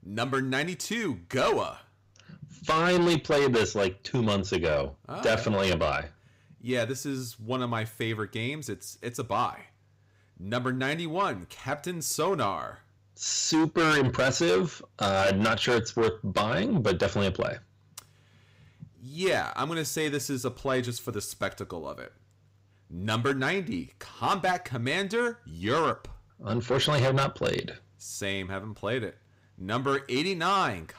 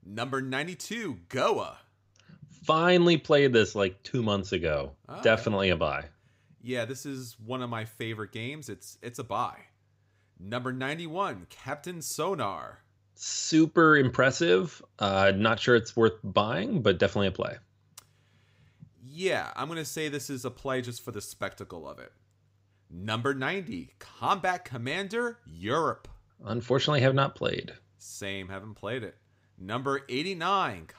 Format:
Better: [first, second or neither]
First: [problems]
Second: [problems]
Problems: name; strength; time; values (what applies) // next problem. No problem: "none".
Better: second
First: distortion; heavy; 6 dB below the speech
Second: none